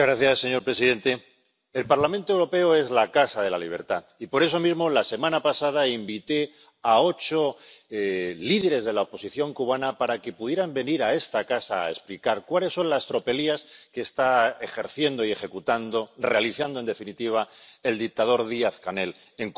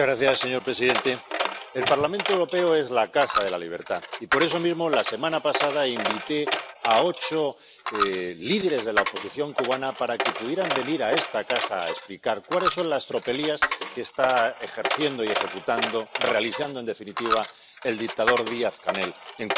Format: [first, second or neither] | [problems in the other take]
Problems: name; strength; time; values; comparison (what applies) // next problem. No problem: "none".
first | background sound (Coin (dropping)); 4 dB below the speech